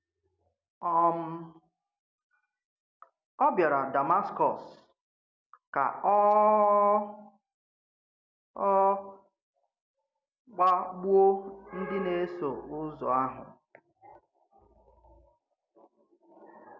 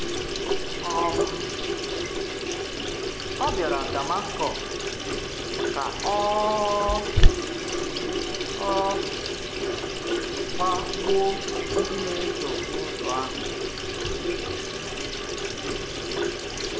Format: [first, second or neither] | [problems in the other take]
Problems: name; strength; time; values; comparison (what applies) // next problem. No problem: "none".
first | background sound (Sink (filling or washing) / Water tap, faucet); 5 dB above the speech